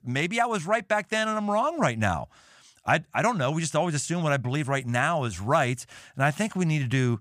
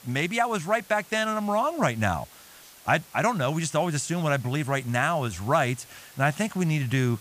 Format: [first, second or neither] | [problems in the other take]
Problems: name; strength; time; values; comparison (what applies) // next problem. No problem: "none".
first | hiss; faint; throughout; 20 dB below the speech